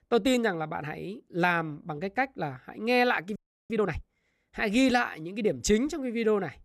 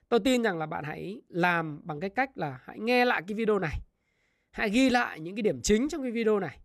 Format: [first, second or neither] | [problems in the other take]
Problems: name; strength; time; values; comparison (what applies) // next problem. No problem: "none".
second | audio freezing; at 3.5 s